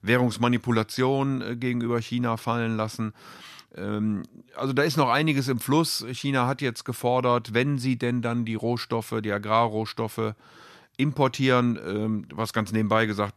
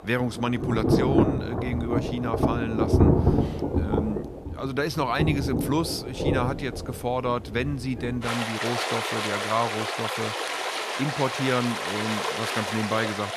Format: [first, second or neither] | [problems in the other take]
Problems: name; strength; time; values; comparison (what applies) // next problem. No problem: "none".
first | rain or running water; very loud; throughout; 2 dB above the speech